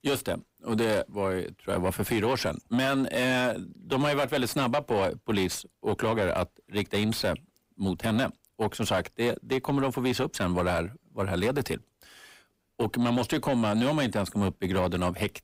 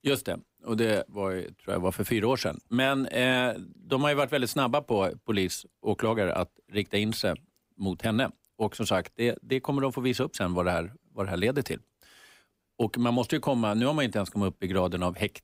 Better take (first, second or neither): second